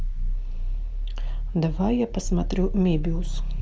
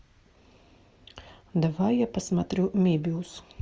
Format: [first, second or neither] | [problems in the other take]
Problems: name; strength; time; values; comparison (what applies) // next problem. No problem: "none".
second | background sound (Growling); 1 dB above the speech